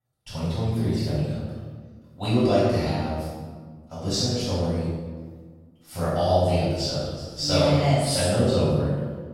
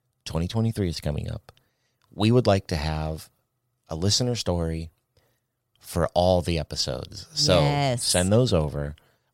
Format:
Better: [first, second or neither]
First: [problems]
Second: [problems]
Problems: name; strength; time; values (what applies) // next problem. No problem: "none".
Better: second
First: off-mic speech; far // room echo; strong; dies away in 1.3 s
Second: none